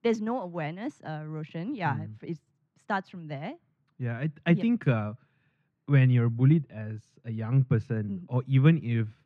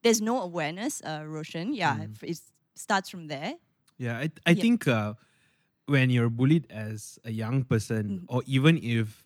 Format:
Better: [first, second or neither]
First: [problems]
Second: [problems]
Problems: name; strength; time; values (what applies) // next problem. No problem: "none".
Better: second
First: muffled; very; fading above 2 kHz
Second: none